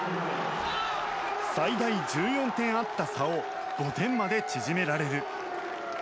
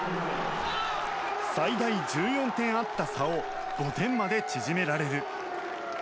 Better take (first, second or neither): first